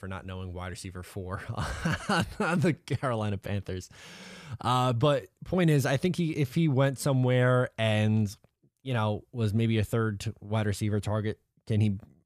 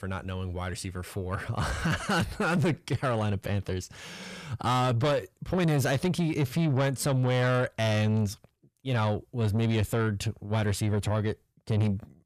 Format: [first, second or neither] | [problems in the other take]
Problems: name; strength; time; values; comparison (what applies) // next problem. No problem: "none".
first | distortion; slight; 10 dB below the speech